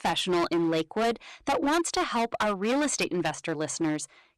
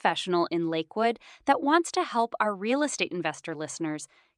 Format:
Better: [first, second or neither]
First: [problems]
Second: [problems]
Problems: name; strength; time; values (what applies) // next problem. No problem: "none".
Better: second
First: distortion; heavy; 17% of the sound clipped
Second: none